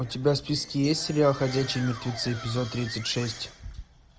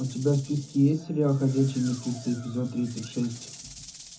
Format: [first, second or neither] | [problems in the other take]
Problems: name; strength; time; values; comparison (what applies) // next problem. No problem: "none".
first | background sound (Rattle / Rattle (instrument)); 19 dB below the speech // room echo; dies away in 0.3 s